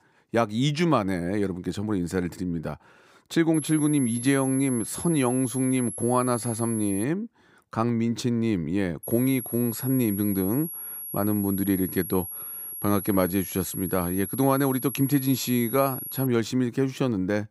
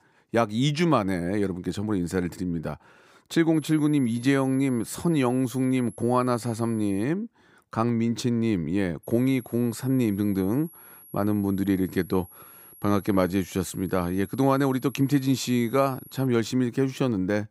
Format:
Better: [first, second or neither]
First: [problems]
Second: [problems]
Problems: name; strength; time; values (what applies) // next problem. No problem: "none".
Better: second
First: high-pitched whine; loud; from 3.5 to 7 s and from 9 to 16 s; 11.5 kHz, 8 dB below the speech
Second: high-pitched whine; faint; from 3.5 to 7 s and from 9 to 16 s; 11.5 kHz, 20 dB below the speech